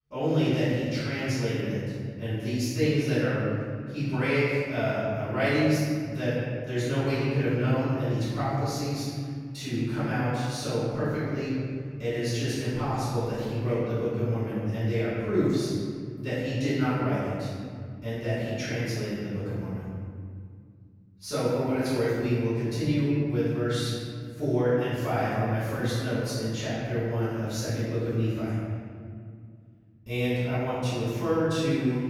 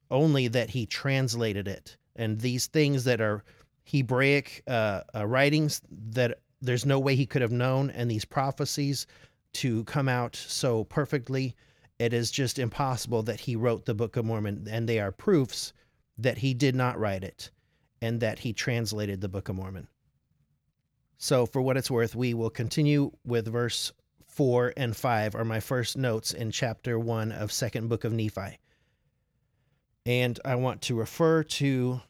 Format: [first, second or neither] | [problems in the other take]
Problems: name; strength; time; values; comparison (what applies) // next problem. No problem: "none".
second | off-mic speech; far // room echo; strong; dies away in 2.3 s